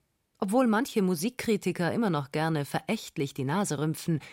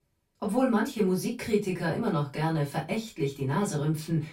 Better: first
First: none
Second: off-mic speech; far // room echo; very slight; dies away in 0.2 s

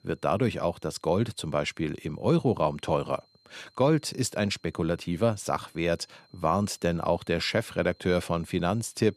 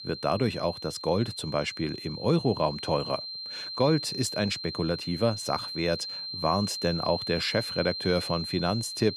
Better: first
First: high-pitched whine; faint; throughout; 4 kHz, 35 dB below the speech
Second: high-pitched whine; loud; throughout; 4 kHz, 6 dB below the speech

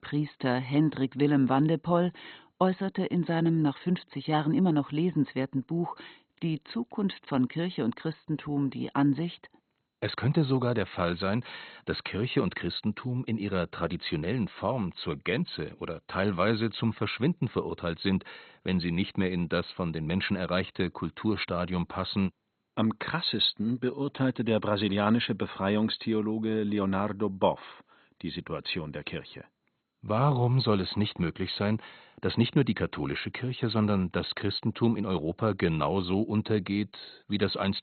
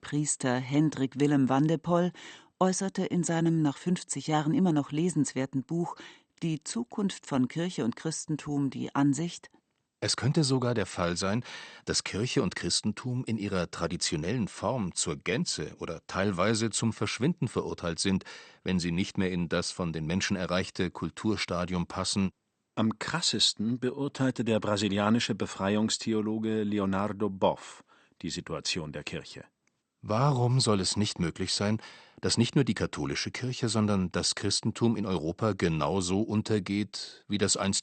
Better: second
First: garbled, watery; badly; nothing above 4 kHz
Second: garbled, watery; slightly; nothing above 8.5 kHz

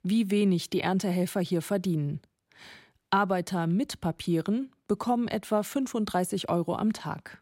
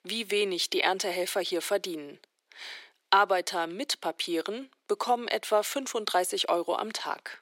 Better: first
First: none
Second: thin; very; fading below 350 Hz

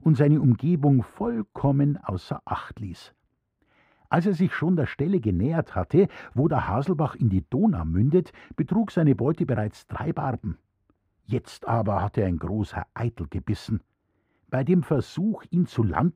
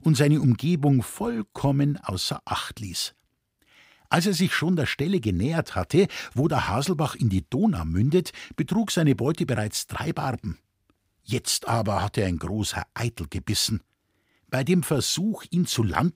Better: second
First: muffled; very; fading above 2.5 kHz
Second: none

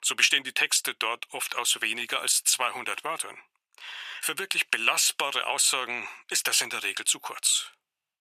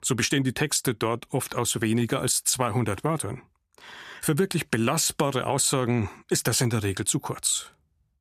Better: second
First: thin; very; fading below 850 Hz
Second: none

